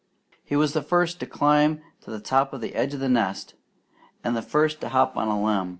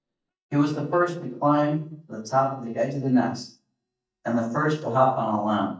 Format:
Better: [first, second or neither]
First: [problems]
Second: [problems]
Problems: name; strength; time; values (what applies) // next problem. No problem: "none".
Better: first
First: none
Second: noise reduction (neural mask model DeepFilterNet 3)